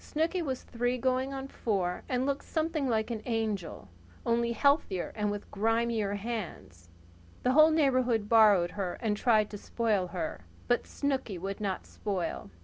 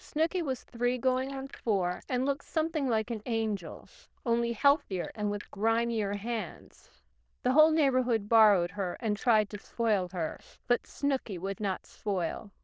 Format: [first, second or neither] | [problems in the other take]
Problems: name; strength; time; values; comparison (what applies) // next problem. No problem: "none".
first | noise reduction (neural diffusion model UNIVERSE++)